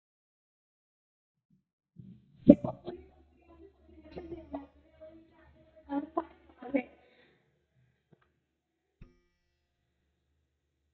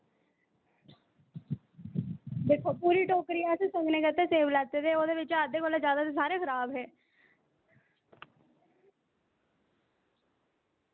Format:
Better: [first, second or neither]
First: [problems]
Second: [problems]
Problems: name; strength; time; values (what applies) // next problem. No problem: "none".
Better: second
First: noise reduction (neural mask model DeepFilterNet 3)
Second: none